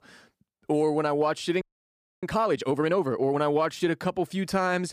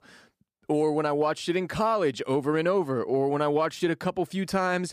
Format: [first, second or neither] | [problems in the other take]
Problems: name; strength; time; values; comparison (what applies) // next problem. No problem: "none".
second | audio freezing; at 1.5 s for 0.5 s